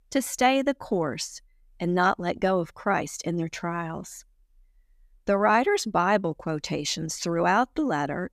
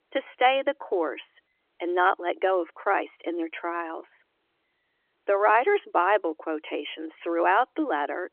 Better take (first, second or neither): first